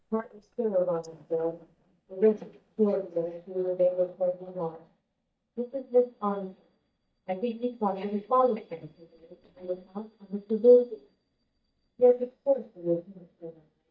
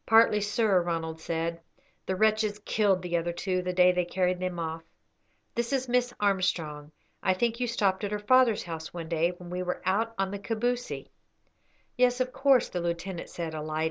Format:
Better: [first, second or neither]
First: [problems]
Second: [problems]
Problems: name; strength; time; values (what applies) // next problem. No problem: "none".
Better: second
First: noise reduction (neural mask model DeepFilterNet 3)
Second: none